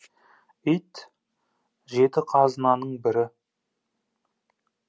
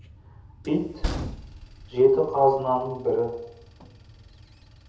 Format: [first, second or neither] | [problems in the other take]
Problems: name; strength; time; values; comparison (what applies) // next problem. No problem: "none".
first | background sound (Train); 12 dB below the speech // room echo; dies away in 0.7 s